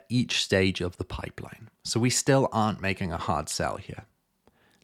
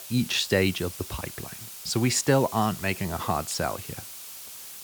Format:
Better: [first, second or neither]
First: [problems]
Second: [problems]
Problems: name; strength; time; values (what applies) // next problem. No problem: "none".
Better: first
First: none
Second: hiss; noticeable; throughout; 10 dB below the speech